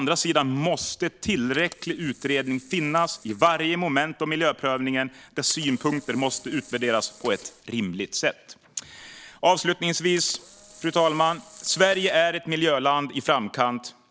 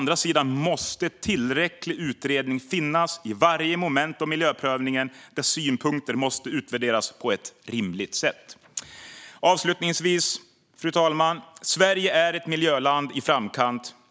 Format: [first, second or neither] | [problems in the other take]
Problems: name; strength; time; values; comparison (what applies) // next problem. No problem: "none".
second | noise reduction (neural separator model SepFormer DNS4)